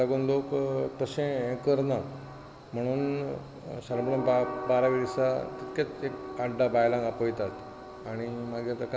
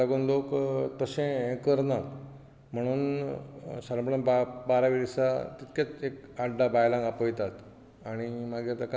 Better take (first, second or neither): second